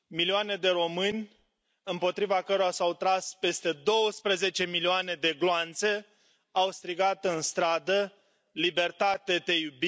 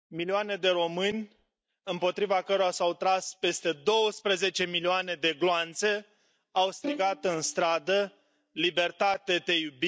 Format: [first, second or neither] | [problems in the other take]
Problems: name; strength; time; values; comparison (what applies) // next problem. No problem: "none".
first | noise reduction (neural mask model DeepFilterNet 3)